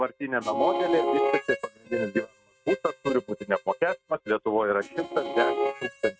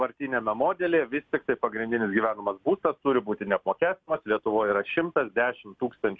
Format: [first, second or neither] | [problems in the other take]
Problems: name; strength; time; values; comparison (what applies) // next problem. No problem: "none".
second | noise reduction (neural mask model RNNoise)